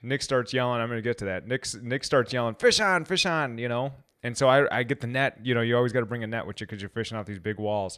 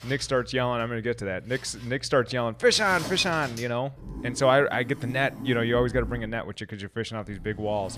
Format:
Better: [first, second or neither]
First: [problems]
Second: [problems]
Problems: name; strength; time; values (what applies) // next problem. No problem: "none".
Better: first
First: none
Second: household noises; noticeable; throughout; 15 dB below the speech